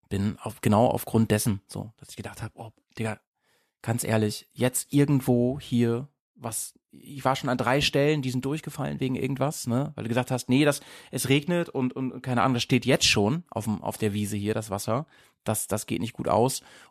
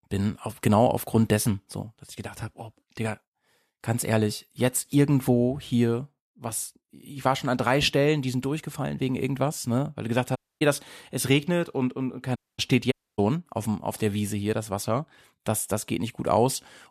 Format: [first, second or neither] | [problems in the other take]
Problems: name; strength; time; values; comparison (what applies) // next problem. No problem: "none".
first | audio cutting out; at 10 s, at 12 s and at 13 s